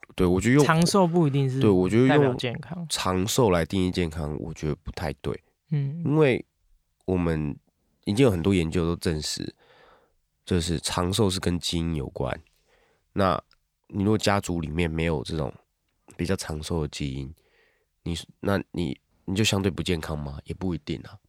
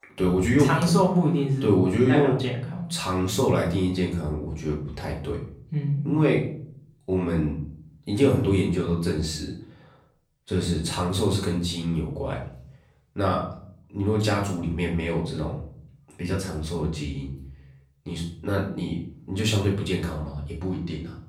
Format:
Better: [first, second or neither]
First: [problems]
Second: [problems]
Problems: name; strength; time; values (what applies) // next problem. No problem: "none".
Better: first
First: none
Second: off-mic speech; far // room echo; slight; dies away in 0.5 s